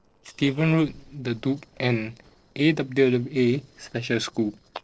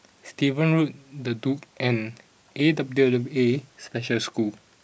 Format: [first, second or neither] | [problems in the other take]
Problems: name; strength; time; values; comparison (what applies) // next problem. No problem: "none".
second | noise reduction (neural separator model SepFormer DNS4)